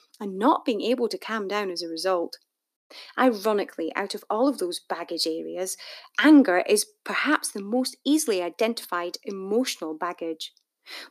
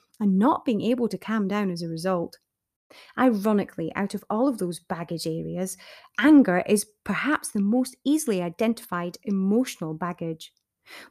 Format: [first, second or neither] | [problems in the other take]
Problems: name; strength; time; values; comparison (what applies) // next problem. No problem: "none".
second | thin; very slightly; fading below 250 Hz